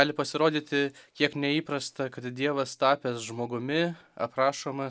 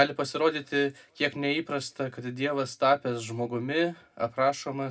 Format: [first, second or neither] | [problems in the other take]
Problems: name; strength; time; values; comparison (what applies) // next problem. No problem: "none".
first | room echo; dies away in 0.2 s